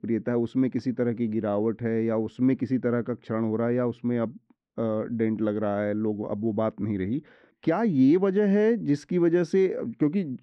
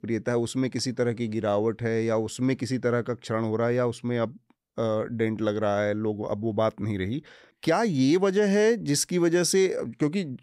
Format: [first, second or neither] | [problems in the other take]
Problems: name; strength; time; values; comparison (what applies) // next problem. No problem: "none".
second | muffled; very; fading above 2.5 kHz